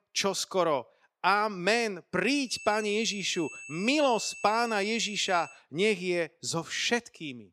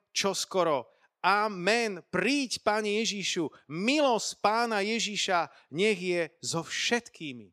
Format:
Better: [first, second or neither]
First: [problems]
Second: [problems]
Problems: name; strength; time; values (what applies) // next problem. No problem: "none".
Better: second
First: high-pitched whine; noticeable; from 2.5 to 5.5 s; 2.5 kHz, 15 dB below the speech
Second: none